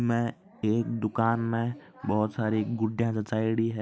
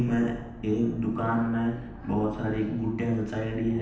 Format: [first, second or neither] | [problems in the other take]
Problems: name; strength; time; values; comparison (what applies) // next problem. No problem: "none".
first | background sound (Thunder); 14 dB below the speech // room echo; dies away in 0.9 s